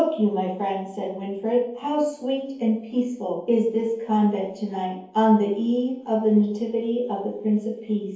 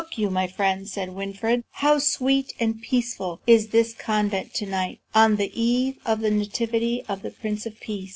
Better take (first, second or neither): second